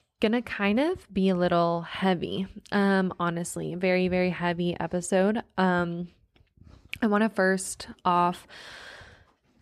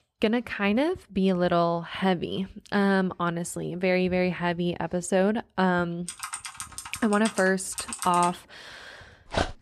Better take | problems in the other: first | keyboard typing; noticeable; from 6 to 8.5 s; peak 7 dB below the speech // dog barking; noticeable; at 9.5 s; peak 4 dB below the speech

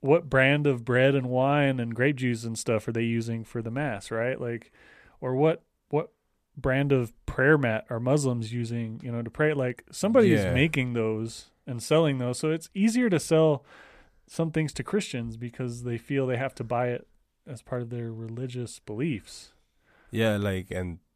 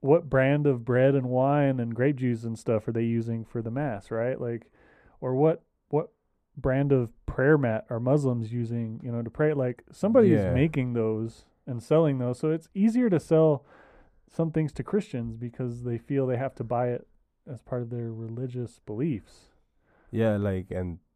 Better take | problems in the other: first | muffled; slightly; fading above 1.5 kHz

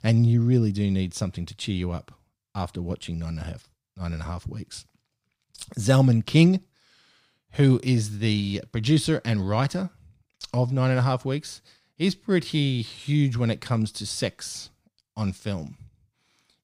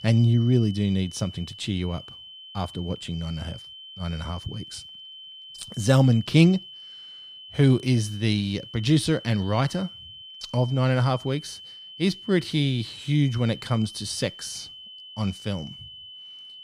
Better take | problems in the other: first | high-pitched whine; noticeable; throughout; 3 kHz, 15 dB below the speech

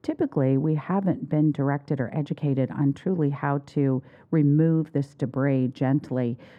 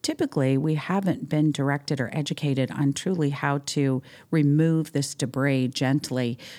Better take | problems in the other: second | muffled; very; fading above 2.5 kHz

